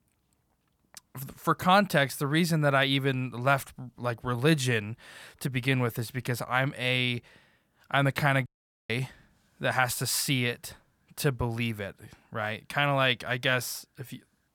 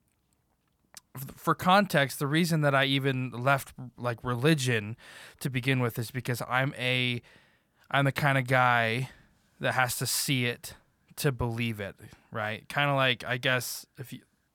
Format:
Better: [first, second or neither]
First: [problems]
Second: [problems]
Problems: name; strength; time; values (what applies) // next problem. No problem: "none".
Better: second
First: audio cutting out; at 8.5 s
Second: none